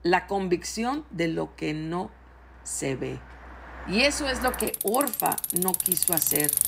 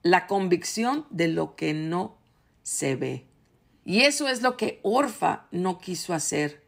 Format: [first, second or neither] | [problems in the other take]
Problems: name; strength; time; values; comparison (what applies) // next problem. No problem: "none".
second | traffic noise; very loud; throughout; 2 dB above the speech